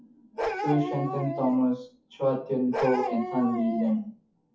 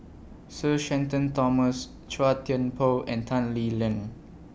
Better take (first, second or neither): second